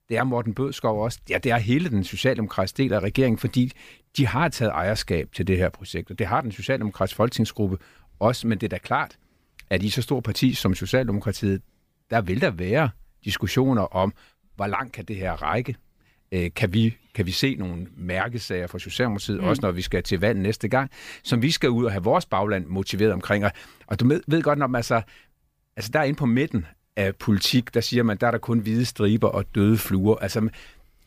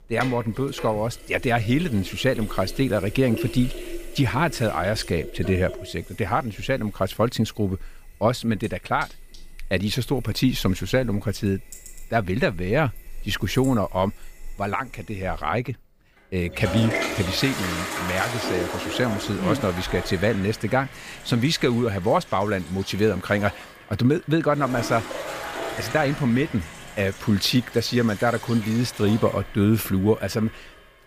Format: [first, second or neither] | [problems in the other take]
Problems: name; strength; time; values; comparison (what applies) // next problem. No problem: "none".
first | household noises; noticeable; throughout; 10 dB below the speech